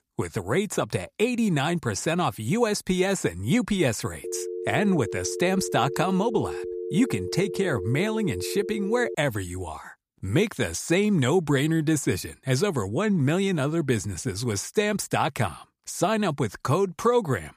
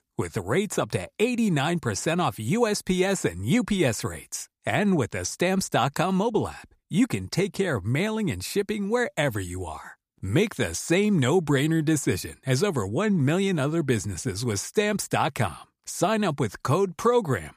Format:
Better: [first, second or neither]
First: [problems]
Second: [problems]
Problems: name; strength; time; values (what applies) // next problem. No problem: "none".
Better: second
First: phone ringing; noticeable; from 4 to 9 s; peak 7 dB below the speech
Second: none